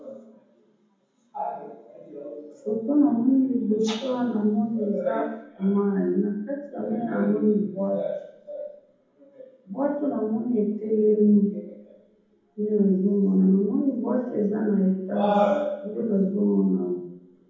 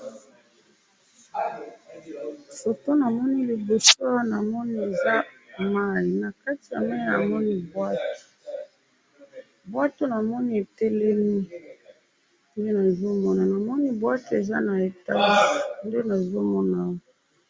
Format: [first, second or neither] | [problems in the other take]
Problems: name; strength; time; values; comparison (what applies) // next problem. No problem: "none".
second | room echo; dies away in 1.2 s